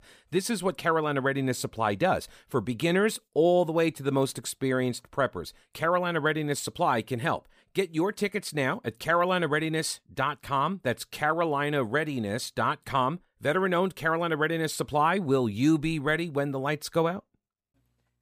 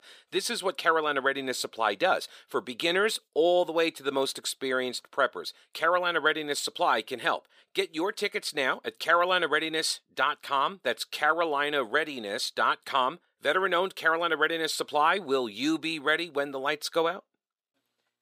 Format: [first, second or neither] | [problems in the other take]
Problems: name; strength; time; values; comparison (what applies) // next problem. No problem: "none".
first | thin; somewhat; fading below 400 Hz